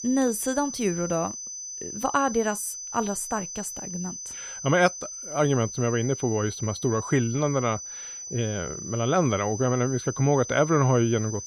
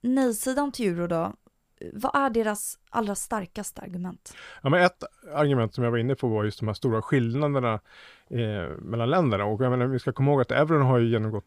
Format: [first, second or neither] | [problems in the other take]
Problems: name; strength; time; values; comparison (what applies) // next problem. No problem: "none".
second | high-pitched whine; loud; throughout; 6 kHz, 9 dB below the speech